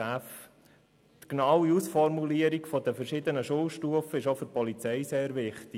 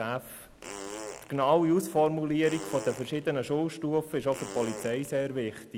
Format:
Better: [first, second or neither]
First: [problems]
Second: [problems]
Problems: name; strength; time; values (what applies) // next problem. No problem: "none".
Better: first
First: none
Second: background sound (Fart); 15 dB below the speech